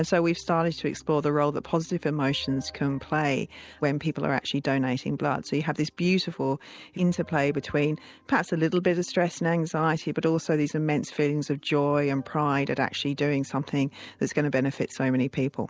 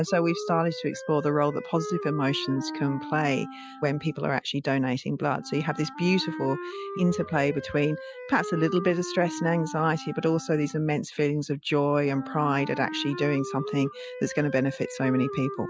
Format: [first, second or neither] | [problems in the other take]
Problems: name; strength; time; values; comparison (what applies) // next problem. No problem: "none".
first | noise reduction (classical method Wiener filter)